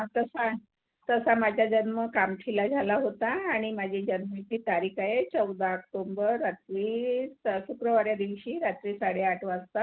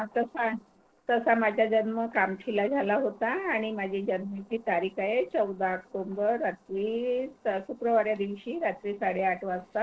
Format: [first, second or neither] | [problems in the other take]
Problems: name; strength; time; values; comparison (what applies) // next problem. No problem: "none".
first | noise reduction (neural separator model SepFormer DNS4)